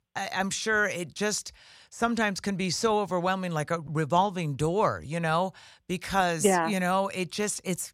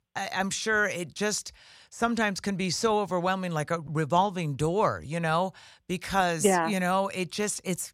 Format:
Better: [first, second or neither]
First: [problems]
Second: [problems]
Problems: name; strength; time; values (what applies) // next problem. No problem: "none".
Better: neither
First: none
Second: none